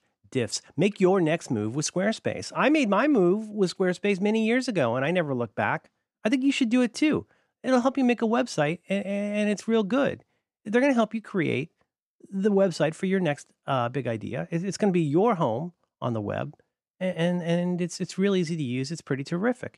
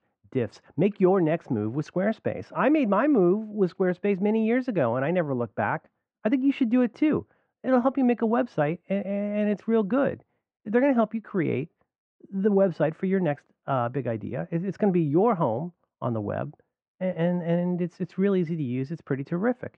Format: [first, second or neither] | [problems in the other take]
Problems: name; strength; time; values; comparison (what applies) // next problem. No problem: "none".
first | muffled; very; fading above 1.5 kHz